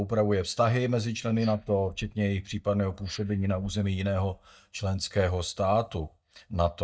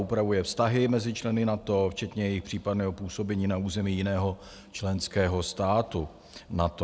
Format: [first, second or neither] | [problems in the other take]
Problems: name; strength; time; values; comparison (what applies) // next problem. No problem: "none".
second | noise reduction (neural mask model DeepFilterNet 3)